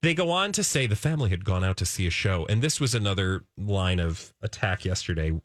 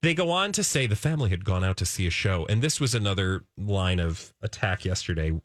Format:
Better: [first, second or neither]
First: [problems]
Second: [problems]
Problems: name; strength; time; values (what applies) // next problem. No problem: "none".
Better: neither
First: none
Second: none